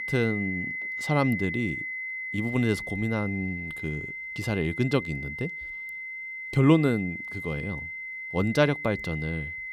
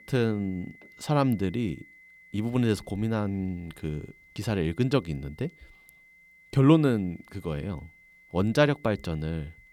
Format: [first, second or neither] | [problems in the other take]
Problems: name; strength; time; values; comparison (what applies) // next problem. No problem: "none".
second | high-pitched whine; loud; throughout; 2 kHz, 5 dB below the speech; faint in the second